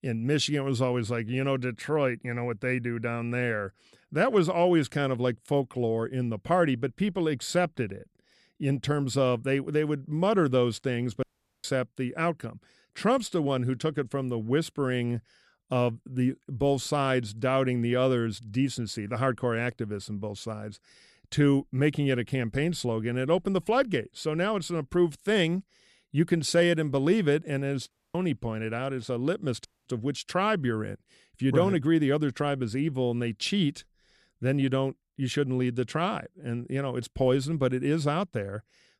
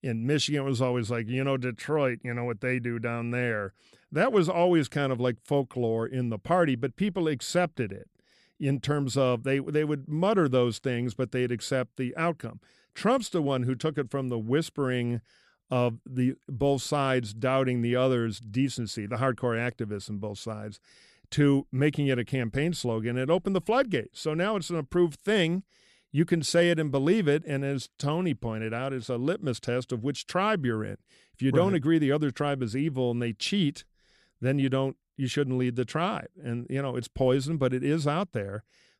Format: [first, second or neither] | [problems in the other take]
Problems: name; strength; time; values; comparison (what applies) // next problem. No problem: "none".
second | audio cutting out; at 11 s, at 28 s and at 30 s